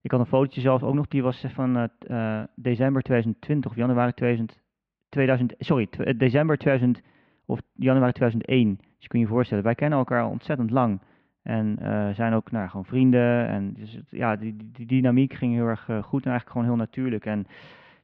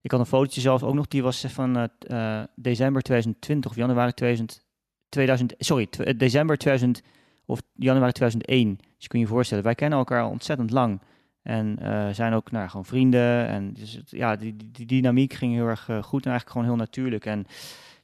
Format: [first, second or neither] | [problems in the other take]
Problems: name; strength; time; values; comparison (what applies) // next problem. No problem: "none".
second | muffled; very; fading above 2.5 kHz